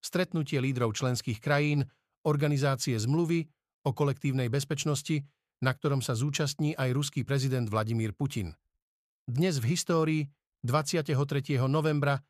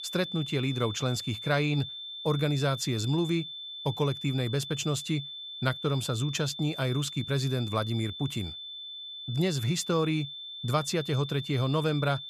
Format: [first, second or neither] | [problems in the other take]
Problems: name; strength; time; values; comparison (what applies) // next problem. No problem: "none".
first | high-pitched whine; loud; throughout; 3.5 kHz, 8 dB below the speech